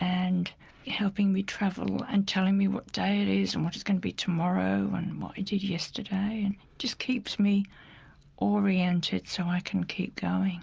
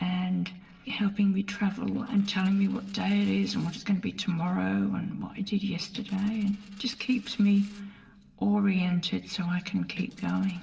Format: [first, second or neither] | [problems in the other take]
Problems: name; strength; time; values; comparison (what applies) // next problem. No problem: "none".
first | noise reduction (neural separator model SepFormer DNS4)